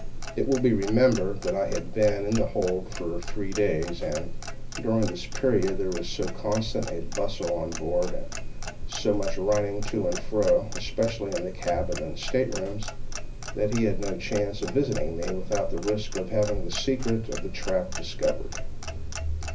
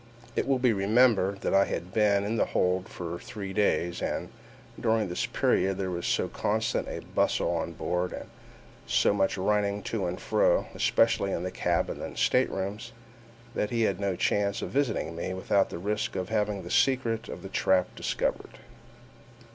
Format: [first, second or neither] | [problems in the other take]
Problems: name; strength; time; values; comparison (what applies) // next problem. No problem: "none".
second | background sound (Clock); 3 dB below the speech // room echo; dies away in 0.4 s